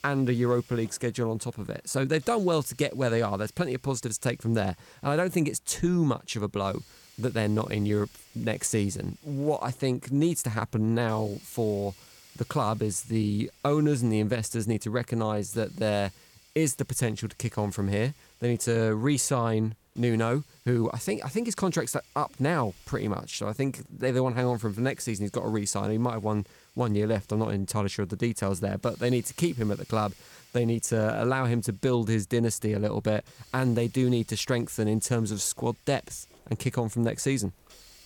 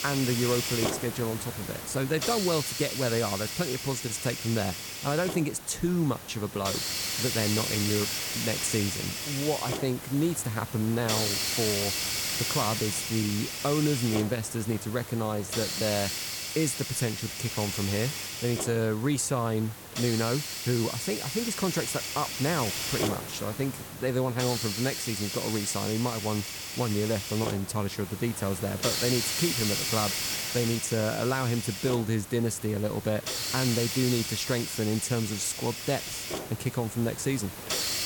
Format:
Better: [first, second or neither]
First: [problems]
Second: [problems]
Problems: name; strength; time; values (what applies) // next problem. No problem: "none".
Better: first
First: hiss; faint; throughout; 25 dB below the speech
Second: hiss; loud; throughout; 1 dB below the speech